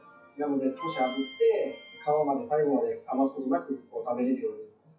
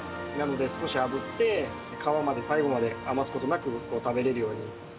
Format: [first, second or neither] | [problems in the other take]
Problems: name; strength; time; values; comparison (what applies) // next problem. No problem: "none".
second | noise reduction (classical method WPE with log-MMSE)